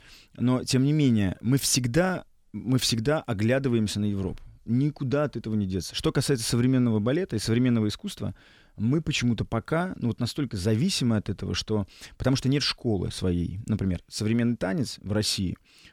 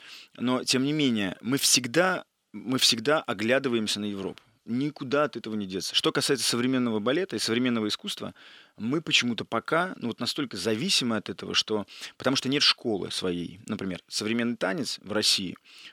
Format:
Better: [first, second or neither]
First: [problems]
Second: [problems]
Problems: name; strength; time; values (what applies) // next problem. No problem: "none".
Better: first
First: none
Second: thin; very slightly; fading below 250 Hz